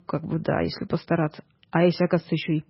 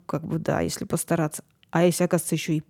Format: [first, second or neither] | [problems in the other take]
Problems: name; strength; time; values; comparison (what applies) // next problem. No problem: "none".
second | garbled, watery; badly; nothing above 5.5 kHz